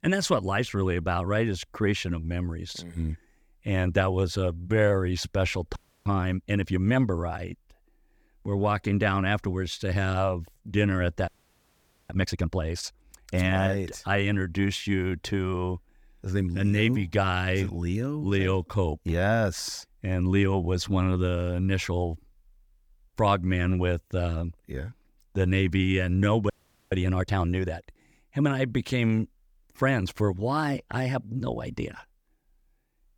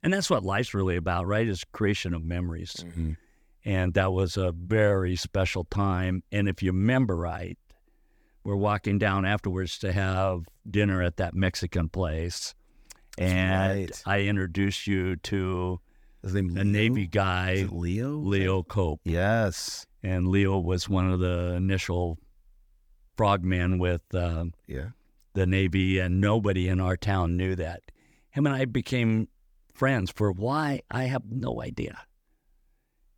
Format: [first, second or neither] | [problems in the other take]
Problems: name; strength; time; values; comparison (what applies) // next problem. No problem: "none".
second | audio freezing; at 6 s, at 11 s for 1 s and at 27 s